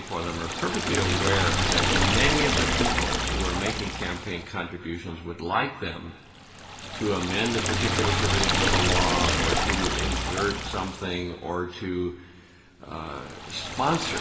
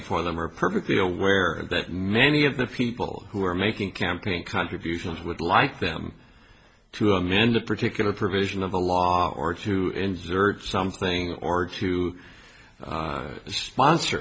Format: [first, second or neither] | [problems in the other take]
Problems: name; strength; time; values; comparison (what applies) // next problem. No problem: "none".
second | background sound (Liquid); 3 dB above the speech // room echo; dies away in 2.1 s